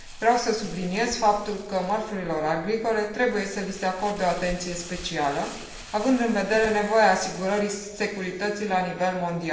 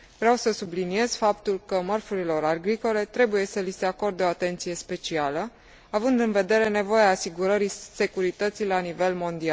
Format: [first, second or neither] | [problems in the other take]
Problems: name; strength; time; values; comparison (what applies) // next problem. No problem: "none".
second | background sound (Crumpling, crinkling); 18 dB below the speech // room echo; dies away in 1.1 s